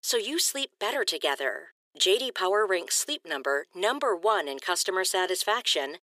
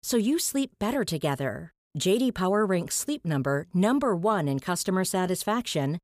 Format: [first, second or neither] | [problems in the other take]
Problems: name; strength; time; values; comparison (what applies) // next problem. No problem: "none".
second | thin; very; fading below 350 Hz